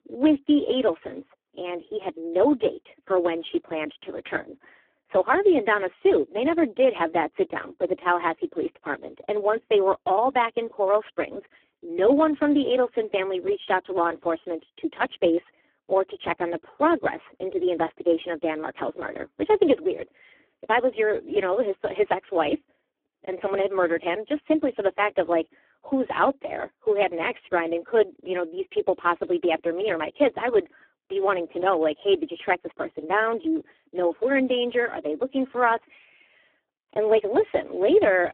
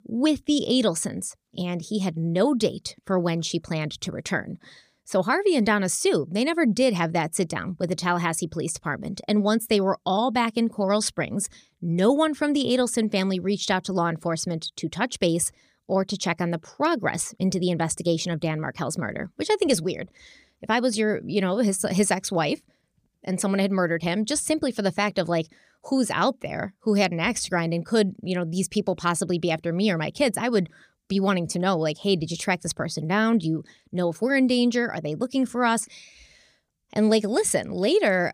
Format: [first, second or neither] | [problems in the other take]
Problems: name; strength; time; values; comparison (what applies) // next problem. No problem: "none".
second | phone-call audio; poor line